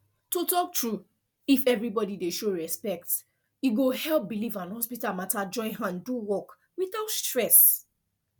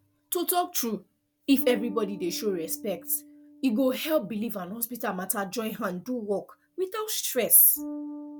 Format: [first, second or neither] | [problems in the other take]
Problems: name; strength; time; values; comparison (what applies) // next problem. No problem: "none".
first | background sound (Bass guitar); 16 dB below the speech